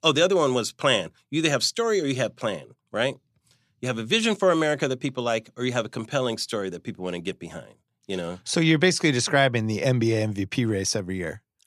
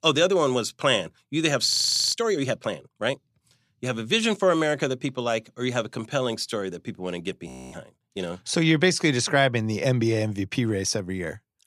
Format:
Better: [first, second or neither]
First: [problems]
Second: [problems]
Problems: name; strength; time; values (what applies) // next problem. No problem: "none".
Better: first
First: none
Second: audio freezing; at 1.5 s and at 7.5 s